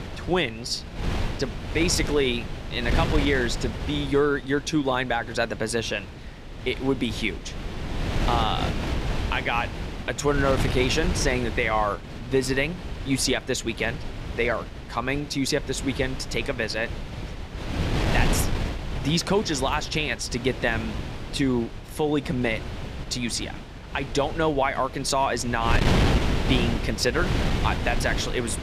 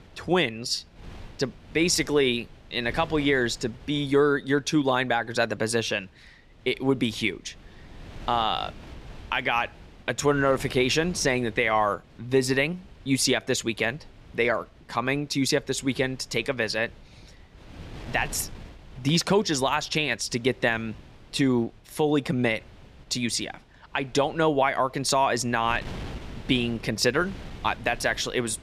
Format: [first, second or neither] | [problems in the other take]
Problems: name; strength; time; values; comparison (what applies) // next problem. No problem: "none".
second | wind noise on the microphone; heavy; 8 dB below the speech; occasional gusts in the second